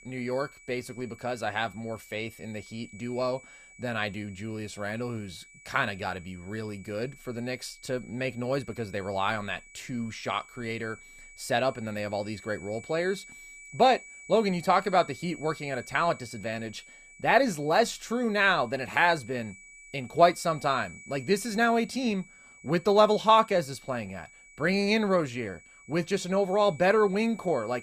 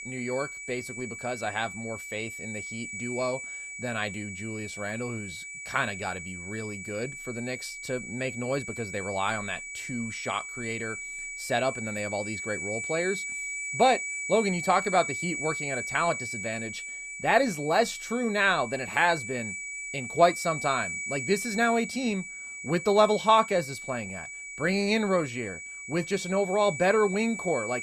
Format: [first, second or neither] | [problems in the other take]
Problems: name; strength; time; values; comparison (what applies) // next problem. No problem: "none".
first | high-pitched whine; loud; throughout; 2.5 kHz, 7 dB below the speech; faint in the first